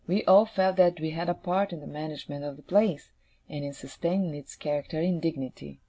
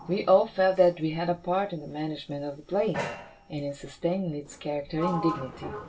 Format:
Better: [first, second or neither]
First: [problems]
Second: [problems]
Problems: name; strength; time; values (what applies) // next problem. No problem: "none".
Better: first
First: none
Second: background sound (Sliding door); 13 dB below the speech // room echo; dies away in 0.2 s